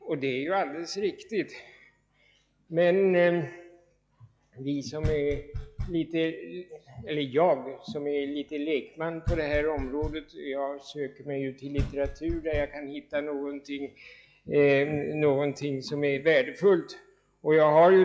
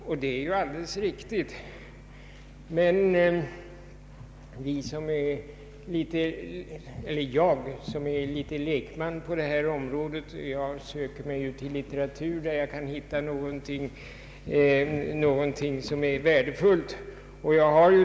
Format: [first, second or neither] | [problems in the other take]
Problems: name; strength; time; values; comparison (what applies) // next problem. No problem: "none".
second | noise reduction (classical method log-MMSE)